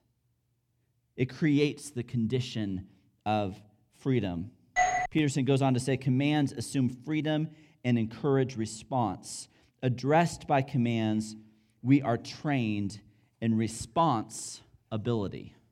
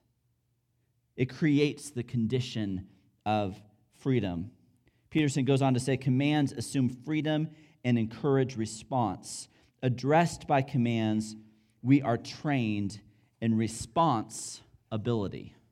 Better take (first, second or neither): second